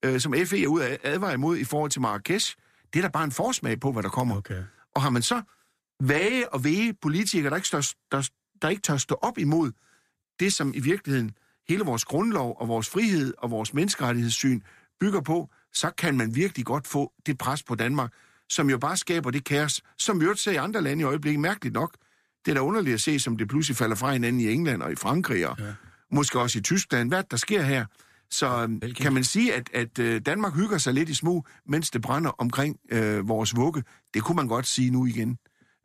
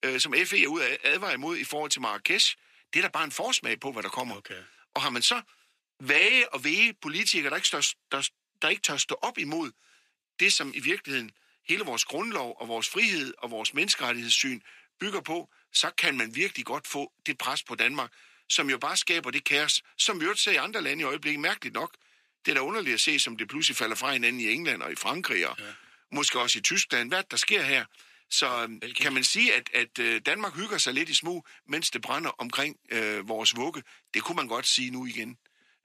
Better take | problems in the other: first | thin; somewhat; fading below 350 Hz

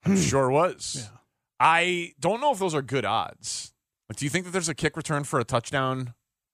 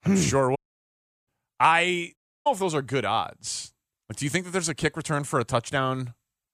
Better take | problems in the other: first | audio cutting out; at 0.5 s for 0.5 s and at 2 s

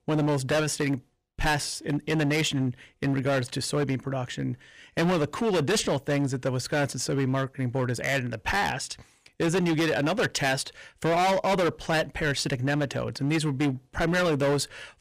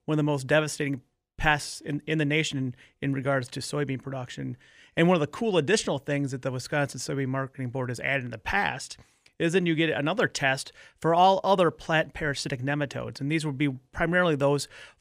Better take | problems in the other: second | distortion; heavy; 14% of the sound clipped

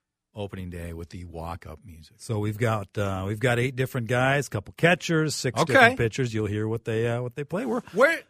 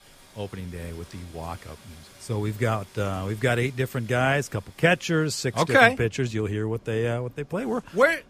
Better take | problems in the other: first | rain or running water; faint; throughout; 25 dB below the speech

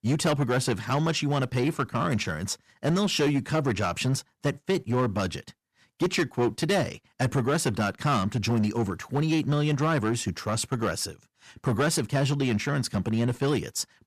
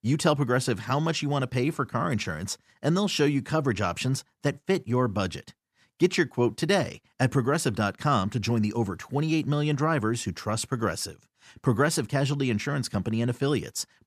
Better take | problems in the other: second | distortion; slight; 8% of the sound clipped

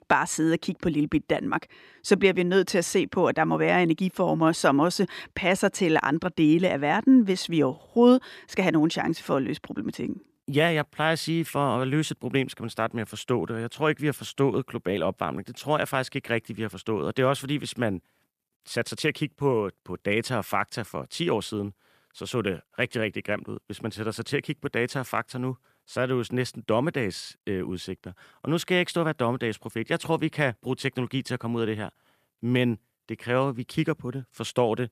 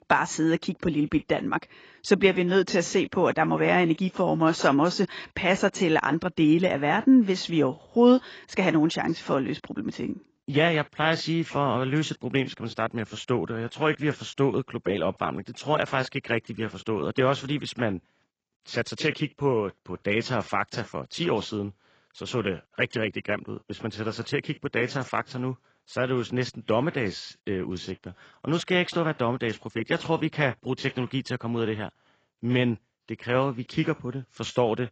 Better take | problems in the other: first | garbled, watery; badly; nothing above 7.5 kHz

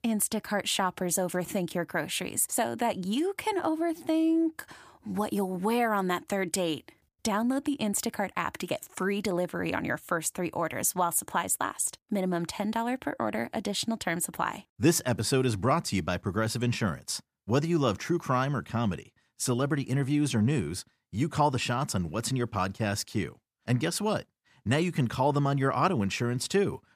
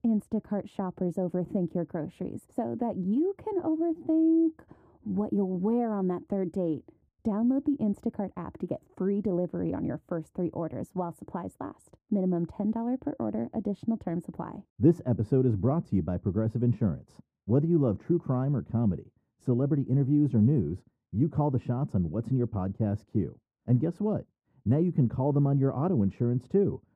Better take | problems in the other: first | muffled; very; fading above 1 kHz

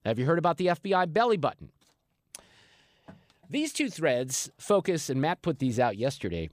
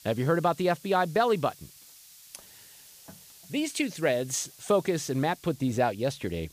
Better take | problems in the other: first | hiss; faint; throughout; 20 dB below the speech

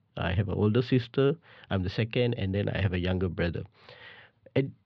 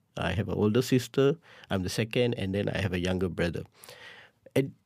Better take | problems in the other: second | muffled; very slightly; fading above 4 kHz

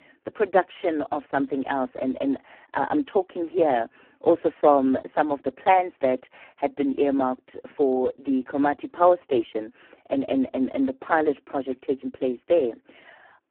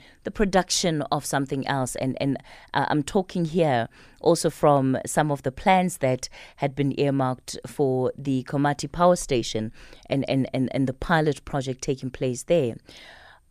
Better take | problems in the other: second | phone-call audio; poor line

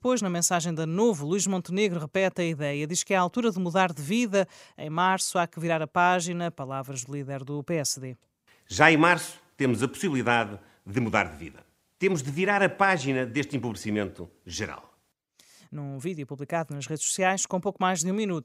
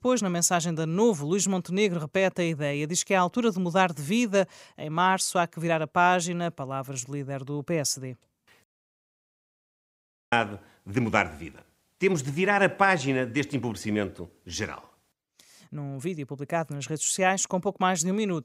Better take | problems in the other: first | audio cutting out; at 8.5 s for 1.5 s

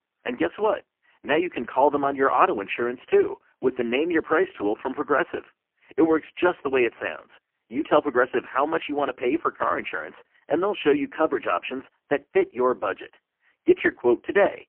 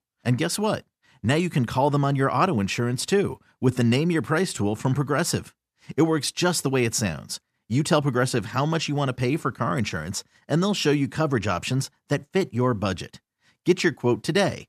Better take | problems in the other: second | phone-call audio; poor line; nothing above 3 kHz

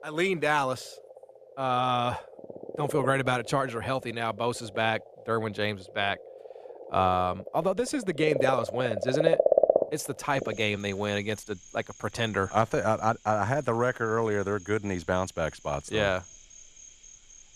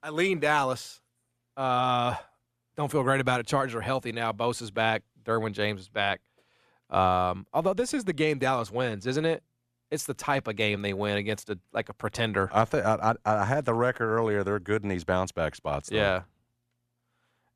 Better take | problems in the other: second | animal sounds; loud; throughout; 2 dB below the speech

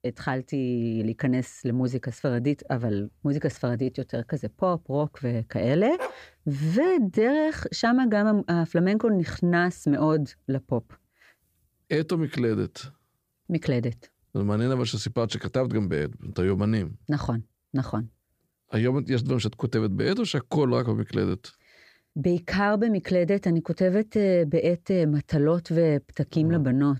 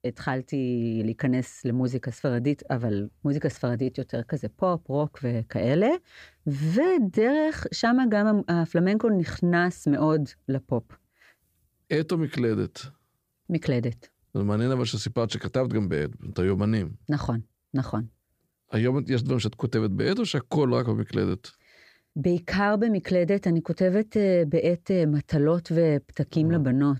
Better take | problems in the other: second | dog barking; noticeable; at 6 s; peak 10 dB below the speech

